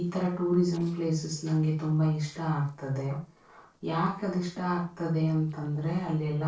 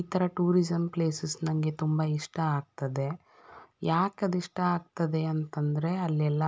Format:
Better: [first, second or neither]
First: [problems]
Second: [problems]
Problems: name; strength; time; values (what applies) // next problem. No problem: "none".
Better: second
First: noise reduction (neural separator model SepFormer DNS4)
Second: none